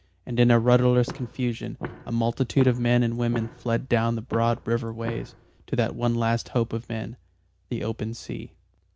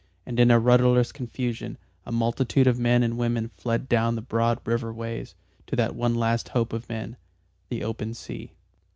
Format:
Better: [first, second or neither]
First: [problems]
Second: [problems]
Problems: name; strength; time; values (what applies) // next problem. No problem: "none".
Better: second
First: background sound (Walk, footsteps); 15 dB below the speech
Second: none